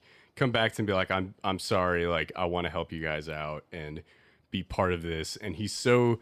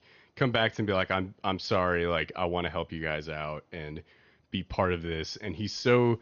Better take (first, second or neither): first